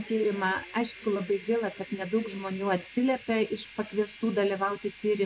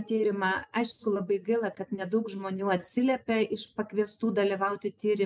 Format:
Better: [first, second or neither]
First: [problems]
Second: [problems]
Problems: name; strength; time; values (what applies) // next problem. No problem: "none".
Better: second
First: background sound (Train); 18 dB below the speech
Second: none